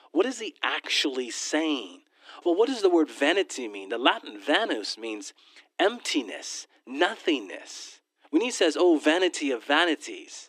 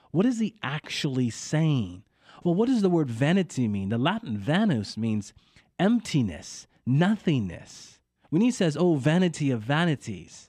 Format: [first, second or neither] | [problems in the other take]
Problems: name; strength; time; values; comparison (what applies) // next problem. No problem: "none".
second | thin; very; fading below 300 Hz